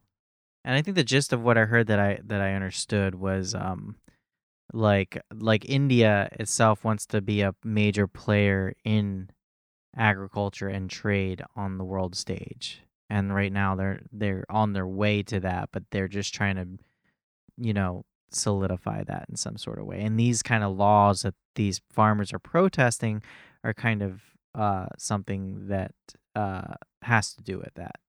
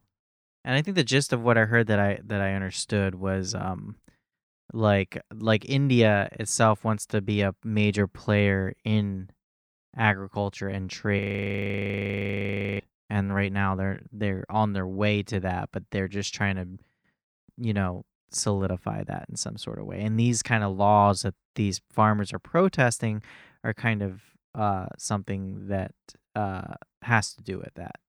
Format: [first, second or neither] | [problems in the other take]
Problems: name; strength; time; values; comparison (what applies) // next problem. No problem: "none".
first | audio freezing; at 11 s for 1.5 s